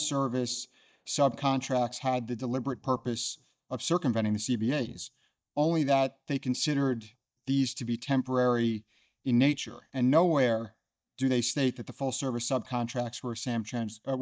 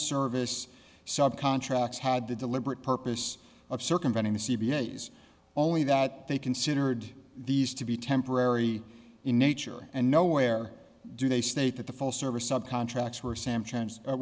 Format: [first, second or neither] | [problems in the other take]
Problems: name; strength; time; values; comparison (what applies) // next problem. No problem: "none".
second | noise reduction (neural mask model DeepFilterNet 3)